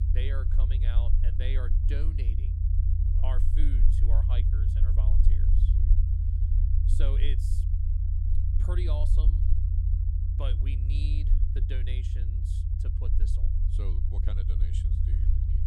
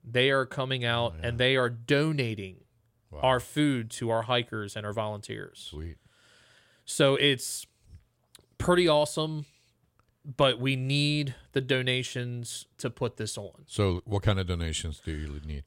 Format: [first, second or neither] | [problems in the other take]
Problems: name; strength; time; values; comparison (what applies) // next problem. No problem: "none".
second | low rumble; loud; throughout; 1 dB below the speech